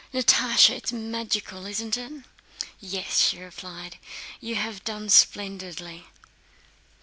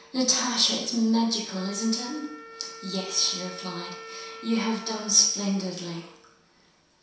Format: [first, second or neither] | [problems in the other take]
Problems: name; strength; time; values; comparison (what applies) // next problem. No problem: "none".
first | background sound (Wind instrument, woodwind instrument); 18 dB below the speech // room echo; dies away in 0.7 s